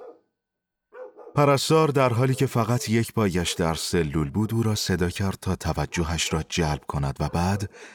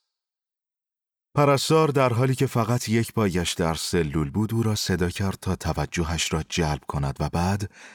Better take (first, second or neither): second